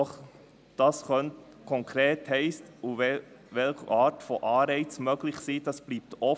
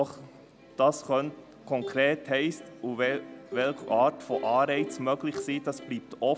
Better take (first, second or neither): first